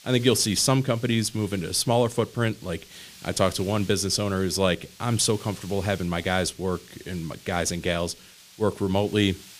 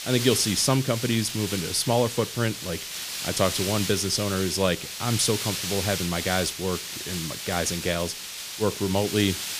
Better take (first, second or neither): first